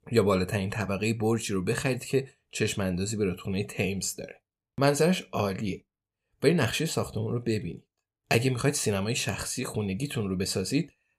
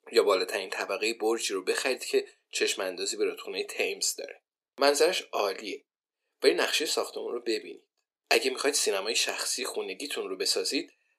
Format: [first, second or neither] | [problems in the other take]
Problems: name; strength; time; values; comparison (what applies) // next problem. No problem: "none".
first | thin; very; fading below 300 Hz